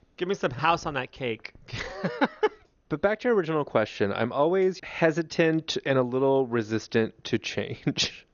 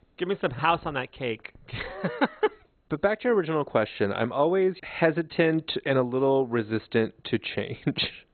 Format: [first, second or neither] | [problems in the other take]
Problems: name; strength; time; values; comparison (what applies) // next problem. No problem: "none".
first | garbled, watery; badly; nothing above 4 kHz; slightly in the first